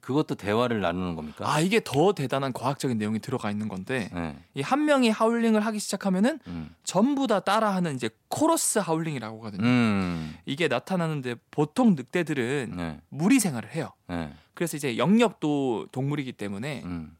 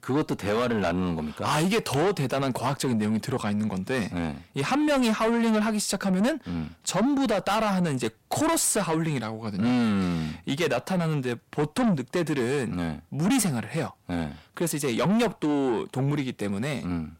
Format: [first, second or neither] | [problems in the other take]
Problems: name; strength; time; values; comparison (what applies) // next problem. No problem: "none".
first | distortion; heavy; 7 dB below the speech